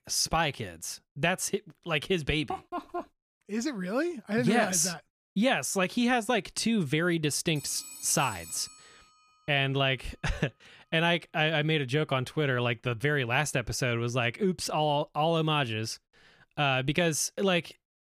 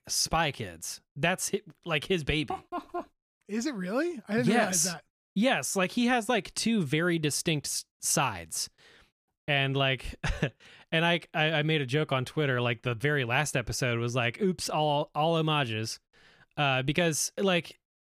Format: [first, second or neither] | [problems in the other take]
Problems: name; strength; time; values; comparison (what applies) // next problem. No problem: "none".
second | phone ringing; faint; from 7.5 to 9 s; peak 10 dB below the speech